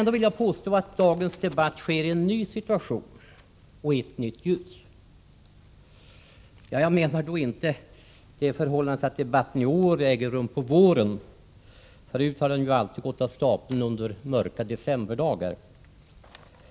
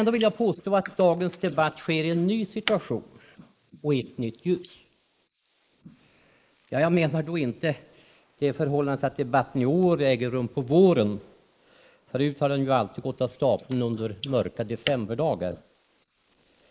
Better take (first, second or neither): first